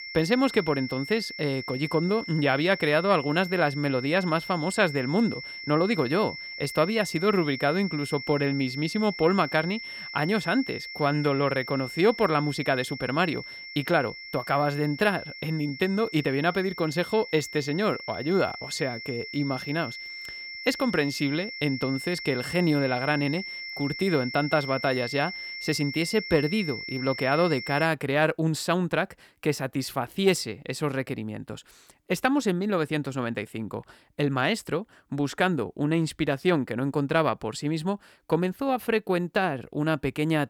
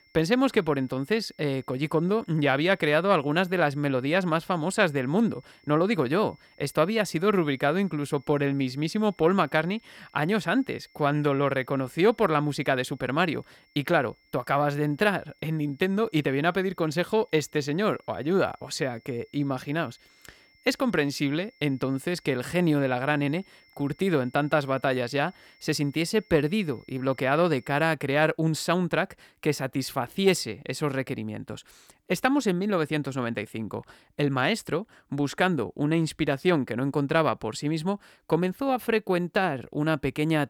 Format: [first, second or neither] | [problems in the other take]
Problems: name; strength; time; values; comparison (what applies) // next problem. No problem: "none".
second | high-pitched whine; loud; until 28 s; 2 kHz, 9 dB below the speech; faint in the second